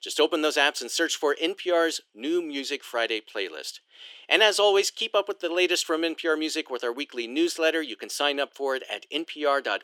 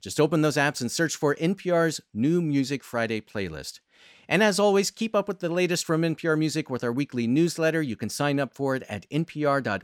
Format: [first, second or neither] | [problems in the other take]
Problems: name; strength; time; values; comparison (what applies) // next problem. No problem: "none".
second | thin; very; fading below 350 Hz